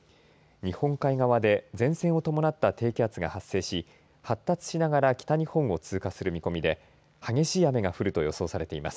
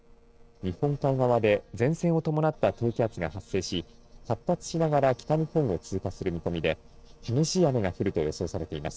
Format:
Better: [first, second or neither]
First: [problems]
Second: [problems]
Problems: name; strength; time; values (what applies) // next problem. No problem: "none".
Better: first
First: none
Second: noise reduction (neural separator model SepFormer DNS4)